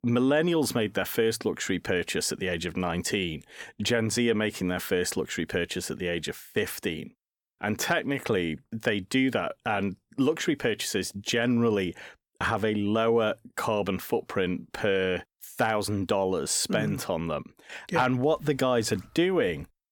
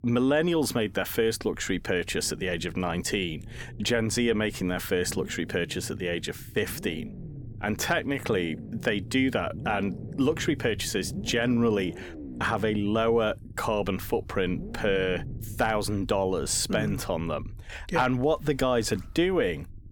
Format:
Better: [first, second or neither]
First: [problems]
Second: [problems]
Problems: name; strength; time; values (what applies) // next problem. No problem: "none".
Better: first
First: none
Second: low rumble; faint; throughout; 20 dB below the speech